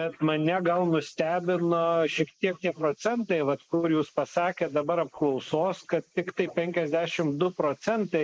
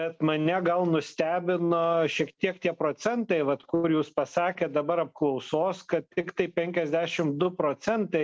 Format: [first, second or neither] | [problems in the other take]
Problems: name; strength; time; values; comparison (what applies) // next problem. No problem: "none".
second | noise reduction (neural mask model Resemble Enhance denoiser)